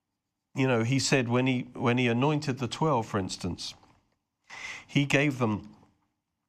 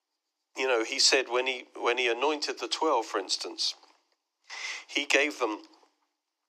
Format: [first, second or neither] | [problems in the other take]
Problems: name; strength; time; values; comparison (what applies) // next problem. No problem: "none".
first | thin; very; fading below 300 Hz